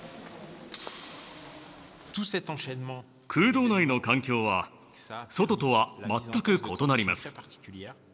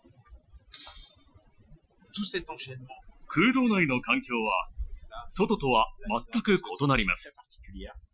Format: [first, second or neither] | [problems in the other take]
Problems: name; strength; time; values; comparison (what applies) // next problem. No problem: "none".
first | noise reduction (classical method Wiener filter)